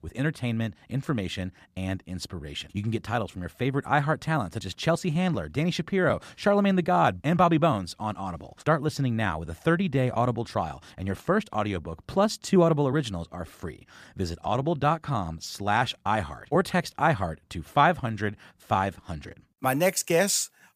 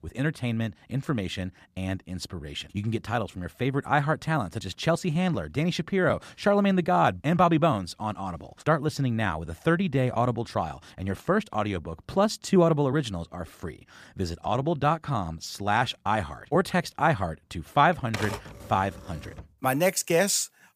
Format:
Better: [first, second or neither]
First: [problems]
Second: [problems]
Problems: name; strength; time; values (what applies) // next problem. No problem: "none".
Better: first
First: none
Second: keyboard typing; noticeable; from 18 to 19 s; peak 7 dB below the speech